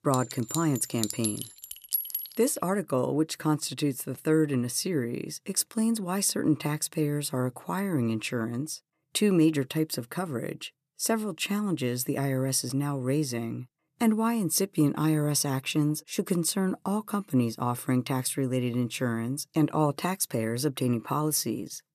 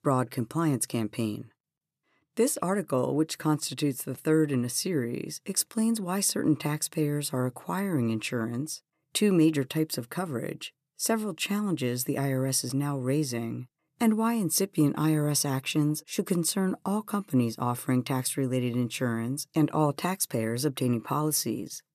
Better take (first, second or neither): second